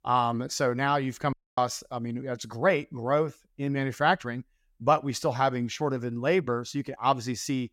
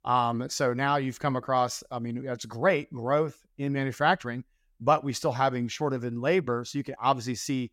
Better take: second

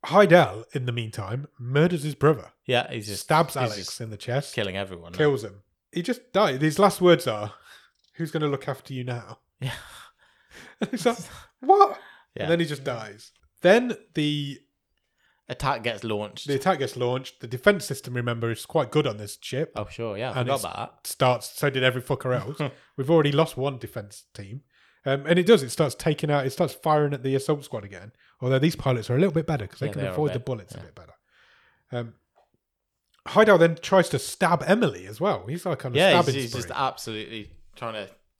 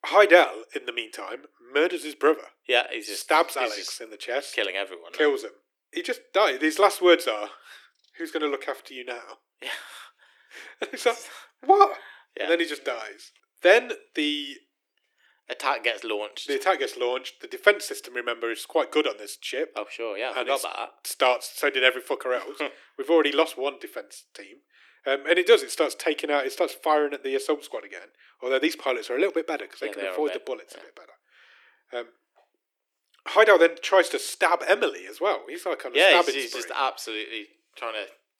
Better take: first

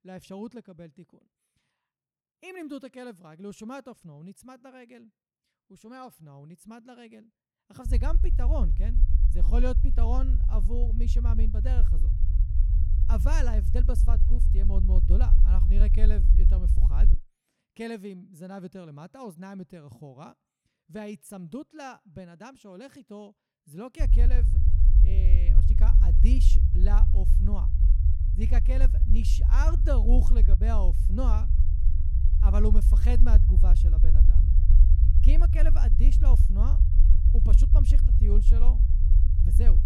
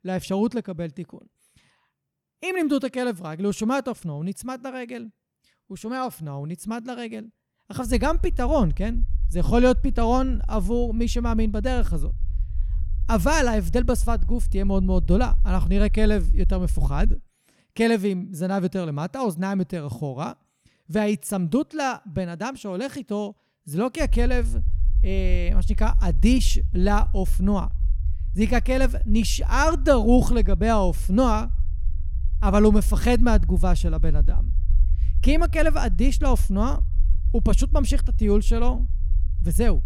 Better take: second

